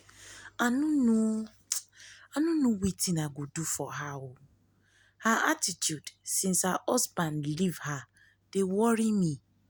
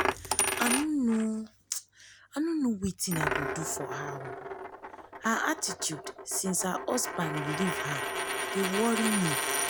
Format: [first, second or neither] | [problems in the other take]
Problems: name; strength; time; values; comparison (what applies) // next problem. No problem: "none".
first | background sound (Coin (dropping)); 2 dB below the speech